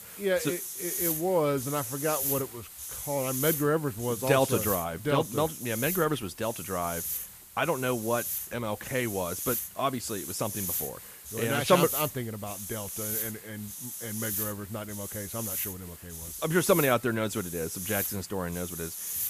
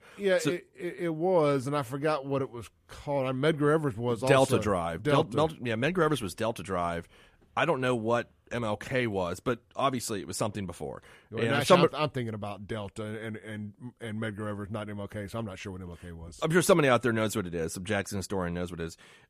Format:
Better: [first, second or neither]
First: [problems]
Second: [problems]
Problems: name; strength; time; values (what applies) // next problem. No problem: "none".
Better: second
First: hiss; loud; throughout; 4 dB below the speech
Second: none